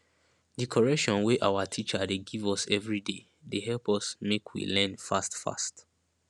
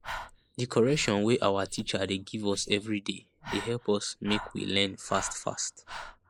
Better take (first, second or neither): first